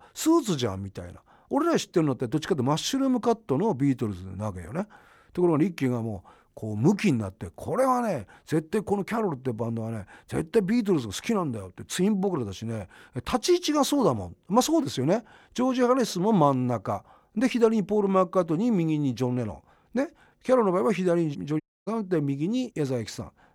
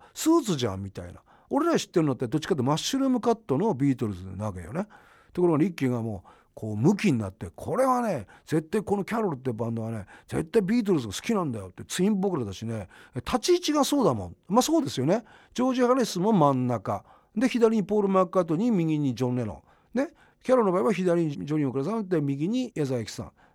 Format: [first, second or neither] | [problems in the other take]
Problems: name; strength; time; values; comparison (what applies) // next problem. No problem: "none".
second | audio cutting out; at 22 s